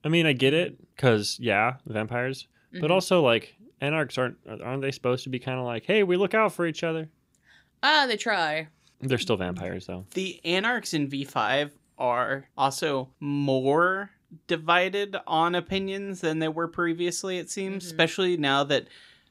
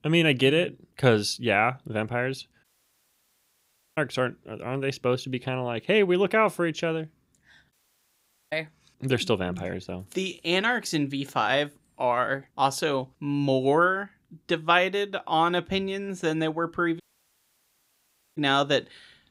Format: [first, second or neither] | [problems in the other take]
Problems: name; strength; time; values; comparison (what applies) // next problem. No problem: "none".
first | audio cutting out; at 2.5 s for 1.5 s, at 7.5 s for 1 s and at 17 s for 1.5 s